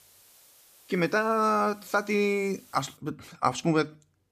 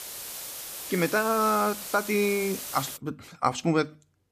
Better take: first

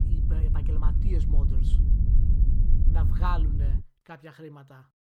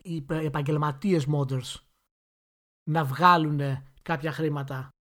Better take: second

